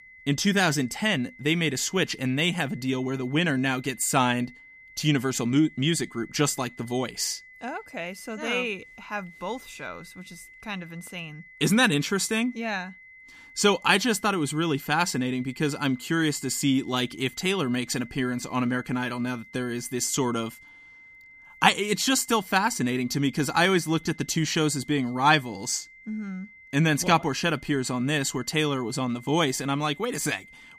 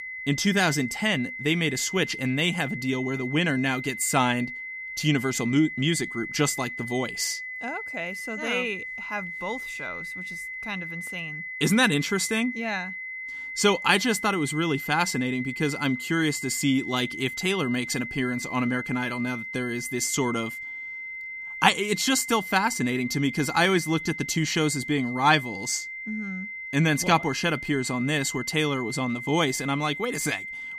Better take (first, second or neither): first